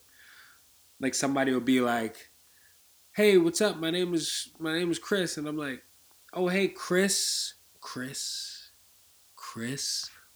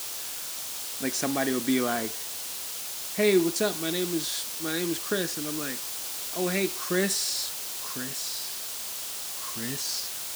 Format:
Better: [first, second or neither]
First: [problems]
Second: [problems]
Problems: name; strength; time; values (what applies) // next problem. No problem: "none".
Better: first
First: hiss; faint; throughout; 30 dB below the speech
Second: hiss; loud; throughout; 3 dB below the speech